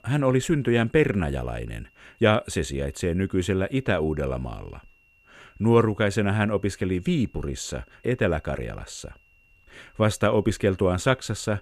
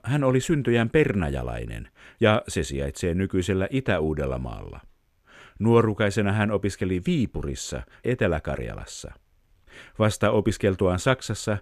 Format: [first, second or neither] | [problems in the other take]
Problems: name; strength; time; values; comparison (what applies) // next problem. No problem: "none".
second | high-pitched whine; faint; throughout; 2.5 kHz, 35 dB below the speech